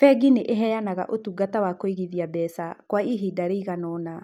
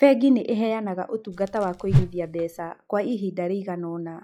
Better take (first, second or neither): first